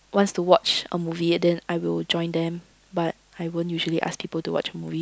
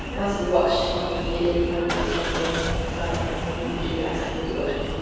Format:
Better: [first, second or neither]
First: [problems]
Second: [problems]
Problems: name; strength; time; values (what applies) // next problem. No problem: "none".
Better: first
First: none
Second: background sound (Engine starting / Car); 3 dB below the speech // room echo; dies away in 2.2 s